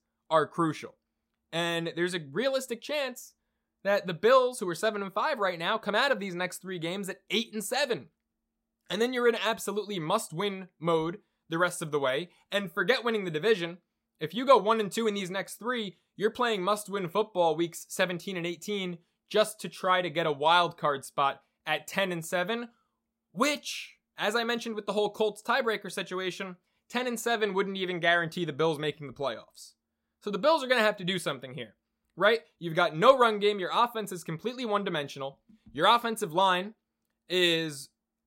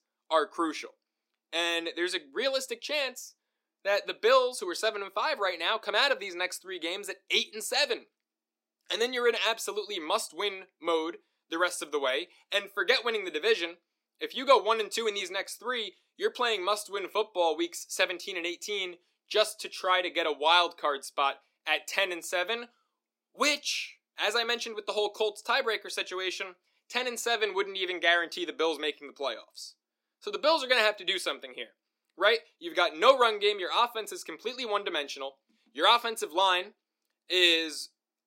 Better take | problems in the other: first | thin; somewhat; fading below 300 Hz

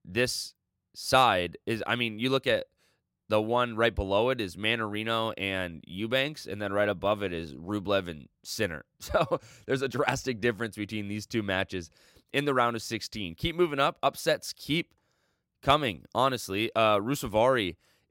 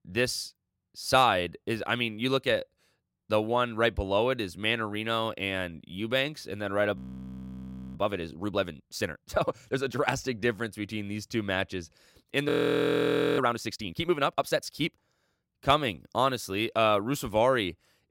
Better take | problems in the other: first | audio freezing; at 7 s for 1 s and at 12 s for 1 s

